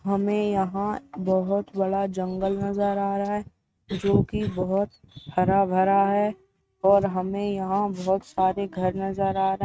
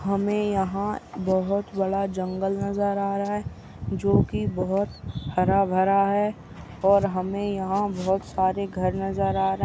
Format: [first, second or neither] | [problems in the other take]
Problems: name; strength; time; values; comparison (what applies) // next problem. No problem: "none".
second | noise reduction (neural mask model RNNoise)